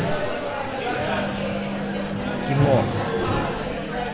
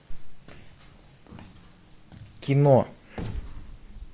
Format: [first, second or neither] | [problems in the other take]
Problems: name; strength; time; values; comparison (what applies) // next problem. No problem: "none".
second | background sound (Microwave oven); 5 dB above the speech